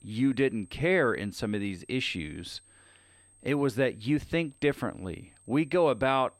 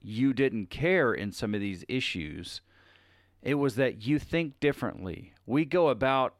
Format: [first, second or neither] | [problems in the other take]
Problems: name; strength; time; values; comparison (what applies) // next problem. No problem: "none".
second | high-pitched whine; faint; throughout; 8.5 kHz, 30 dB below the speech